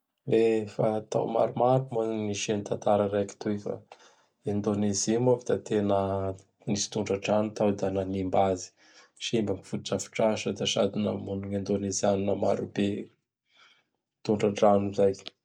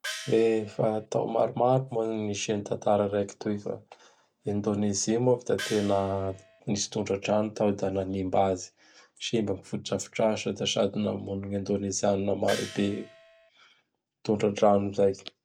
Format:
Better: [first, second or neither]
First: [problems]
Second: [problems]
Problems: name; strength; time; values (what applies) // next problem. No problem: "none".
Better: first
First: none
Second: background sound (Gong); 13 dB below the speech